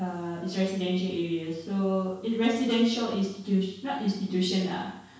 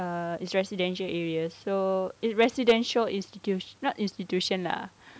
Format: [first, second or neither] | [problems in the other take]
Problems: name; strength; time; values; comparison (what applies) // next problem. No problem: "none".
second | room echo; dies away in 0.6 s